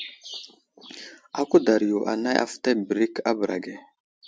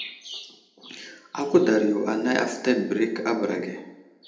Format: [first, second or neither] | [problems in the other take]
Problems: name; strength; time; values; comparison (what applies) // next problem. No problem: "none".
first | room echo; dies away in 0.8 s